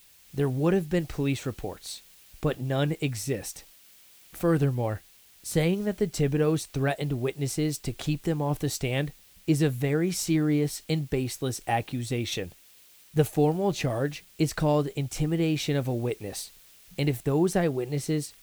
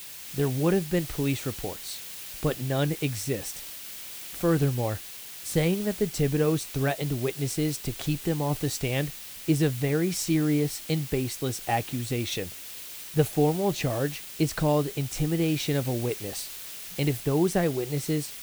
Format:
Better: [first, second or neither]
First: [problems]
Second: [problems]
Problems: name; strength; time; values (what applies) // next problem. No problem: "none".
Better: first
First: hiss; faint; throughout; 25 dB below the speech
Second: hiss; loud; throughout; 10 dB below the speech